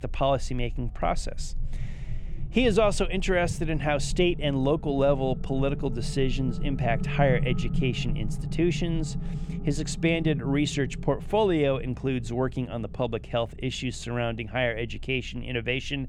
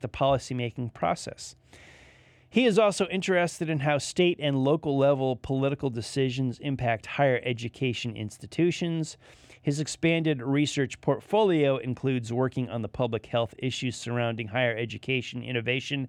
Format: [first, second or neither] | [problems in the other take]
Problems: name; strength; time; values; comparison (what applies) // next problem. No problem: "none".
second | low rumble; noticeable; throughout; 15 dB below the speech